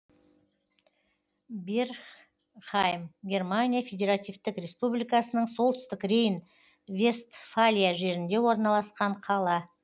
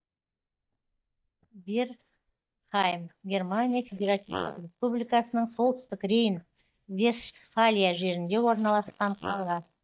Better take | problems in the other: first | noise reduction (neural mask model DeepFilterNet 3)

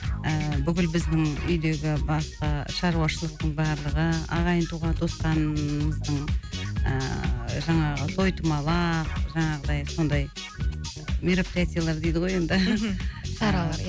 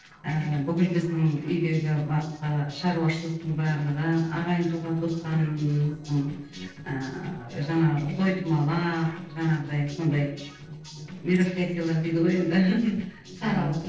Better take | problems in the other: first | noise reduction (neural separator model SepFormer DNS4)

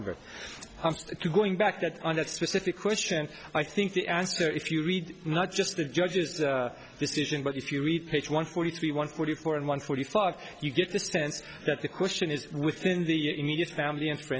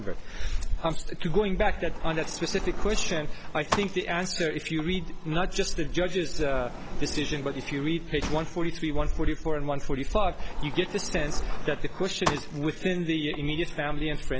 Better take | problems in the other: first | background sound (Sliding door); 1 dB above the speech

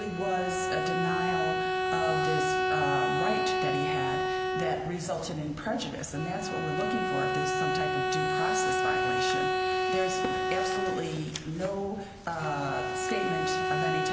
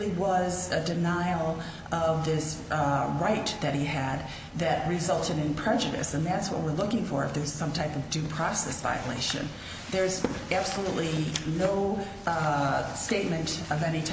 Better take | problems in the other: second | background sound (Bowed string instrument); 4 dB above the speech

